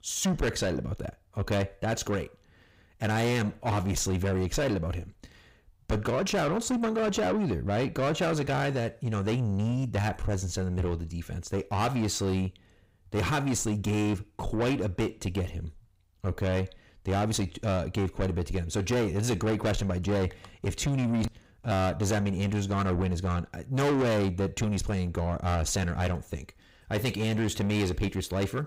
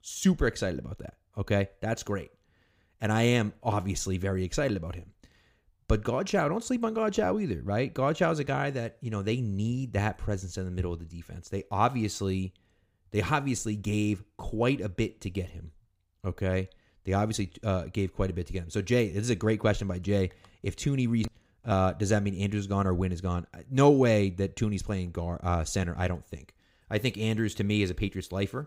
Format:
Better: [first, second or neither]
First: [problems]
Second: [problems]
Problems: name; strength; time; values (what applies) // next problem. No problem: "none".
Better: second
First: distortion; heavy; 6 dB below the speech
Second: none